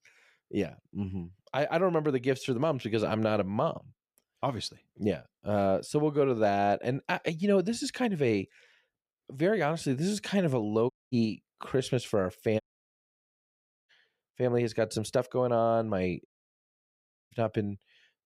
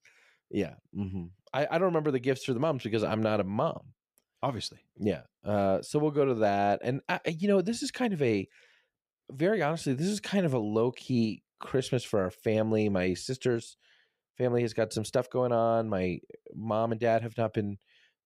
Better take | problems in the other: second | audio cutting out; at 11 s, at 13 s for 1.5 s and at 16 s for 1 s

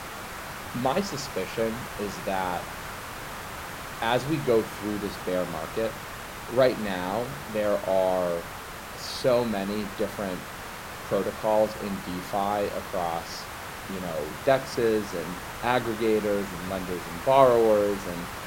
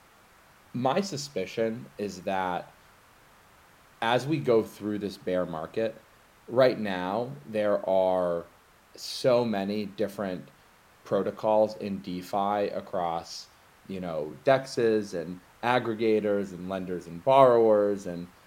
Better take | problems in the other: second | hiss; loud; throughout; 9 dB below the speech; faint in the second

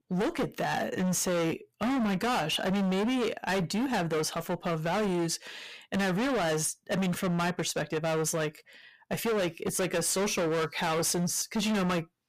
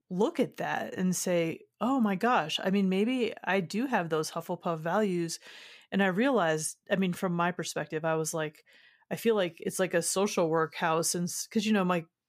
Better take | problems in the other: second | distortion; heavy; 30% of the sound clipped

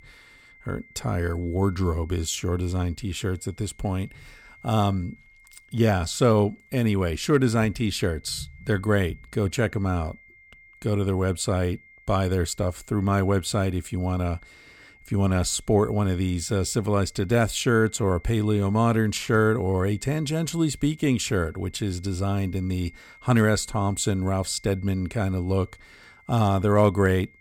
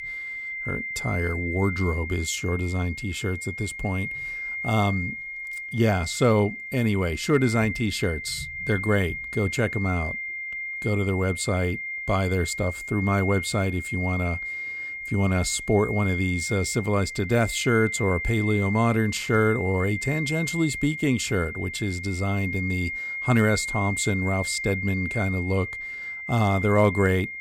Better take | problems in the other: first | high-pitched whine; loud; throughout; 2 kHz, 6 dB below the speech; faint in the first

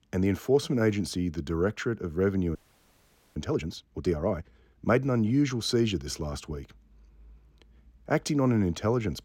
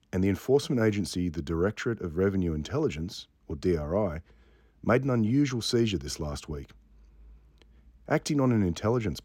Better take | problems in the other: second | audio freezing; at 2.5 s for 1 s

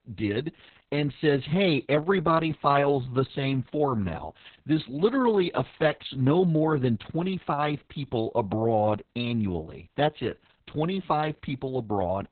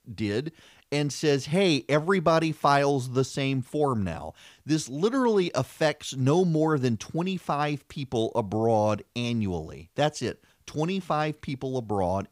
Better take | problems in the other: second | garbled, watery; badly; nothing above 4 kHz

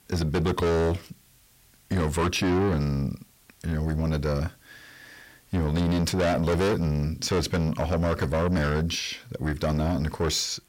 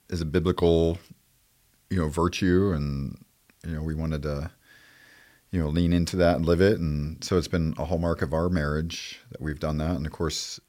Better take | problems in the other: second | distortion; heavy; 6 dB below the speech

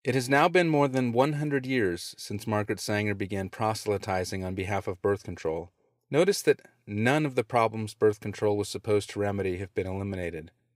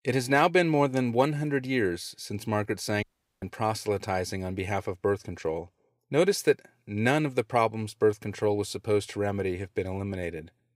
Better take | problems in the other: first | audio cutting out; at 3 s

